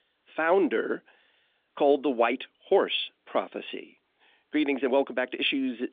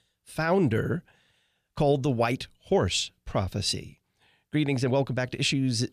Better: second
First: phone-call audio; nothing above 3.5 kHz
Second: none

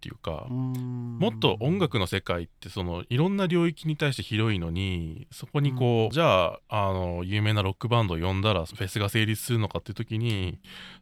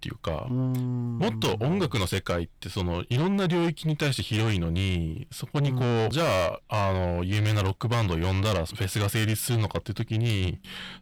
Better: first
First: none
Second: distortion; heavy; 7 dB below the speech

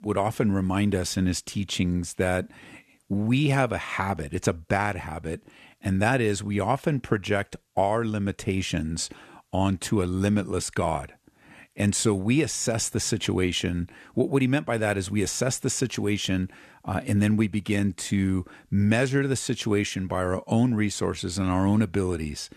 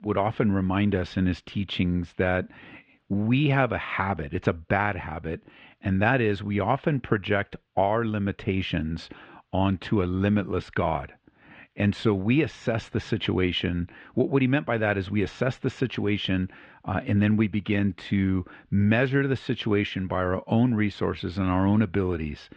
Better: first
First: none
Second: muffled; very; fading above 3.5 kHz

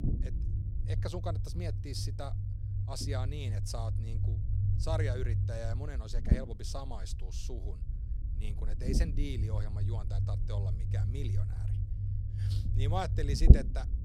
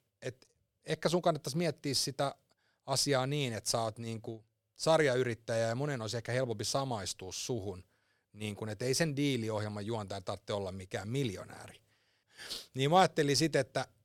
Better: second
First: low rumble; loud; throughout; 4 dB below the speech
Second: none

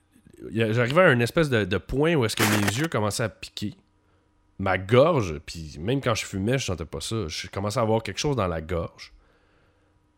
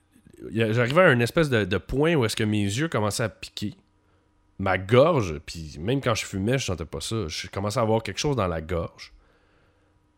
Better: second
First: footsteps; loud; at 2.5 s; peak 1 dB above the speech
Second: none

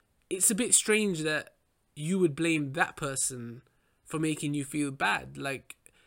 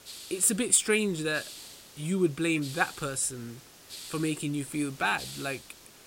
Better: first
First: none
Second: hiss; noticeable; throughout; 15 dB below the speech

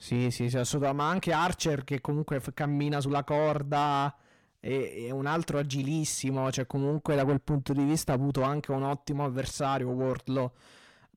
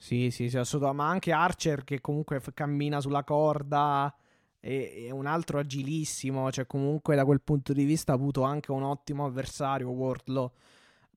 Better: second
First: distortion; slight; 10 dB below the speech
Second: none

